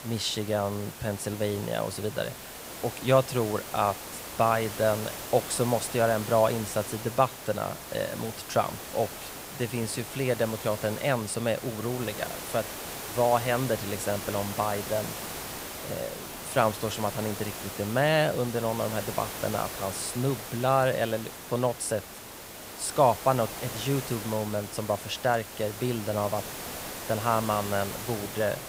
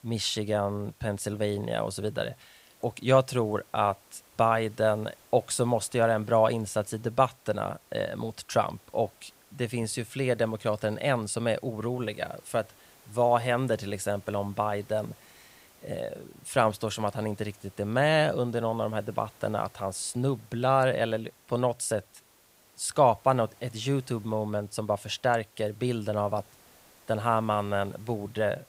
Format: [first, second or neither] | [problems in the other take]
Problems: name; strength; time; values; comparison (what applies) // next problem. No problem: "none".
second | hiss; loud; throughout; 8 dB below the speech; faint in the second